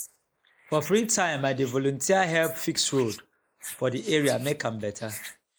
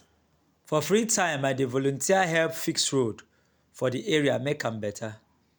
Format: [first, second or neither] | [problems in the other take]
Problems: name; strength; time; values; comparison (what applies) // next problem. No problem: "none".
second | noise reduction (neural mask model Resemble Enhance denoiser)